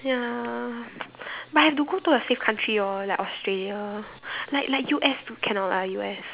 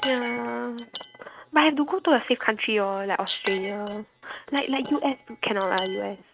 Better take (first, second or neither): first